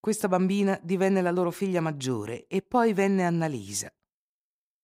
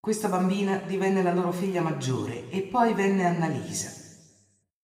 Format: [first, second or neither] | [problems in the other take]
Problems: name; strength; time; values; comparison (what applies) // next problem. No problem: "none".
first | room echo; slight; dies away in 1.2 s // off-mic speech; somewhat distant